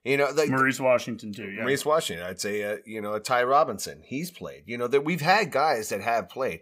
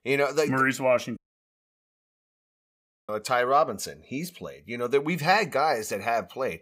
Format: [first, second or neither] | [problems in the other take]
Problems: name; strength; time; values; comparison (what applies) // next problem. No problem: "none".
first | audio cutting out; at 1 s for 2 s